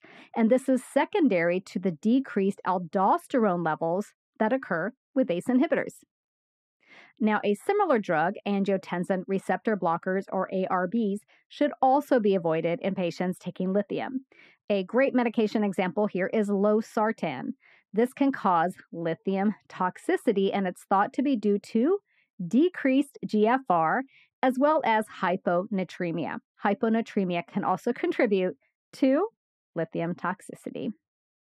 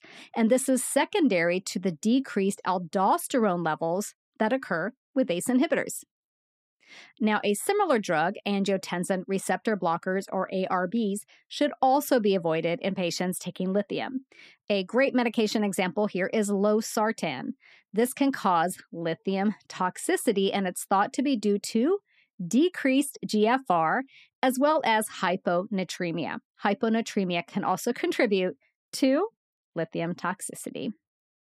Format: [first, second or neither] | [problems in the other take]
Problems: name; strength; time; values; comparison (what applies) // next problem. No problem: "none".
second | muffled; slightly; fading above 3.5 kHz